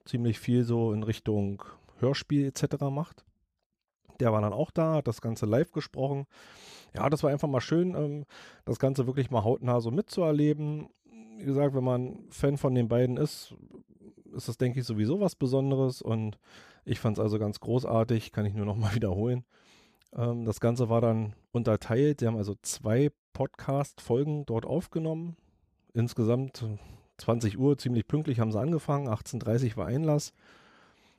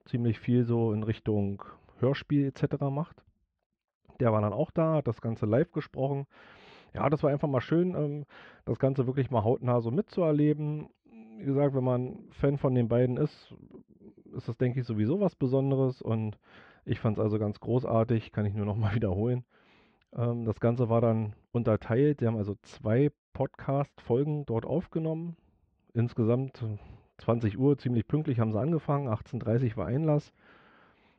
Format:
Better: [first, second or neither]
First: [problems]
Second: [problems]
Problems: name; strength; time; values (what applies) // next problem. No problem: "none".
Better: first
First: none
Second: muffled; very; fading above 3 kHz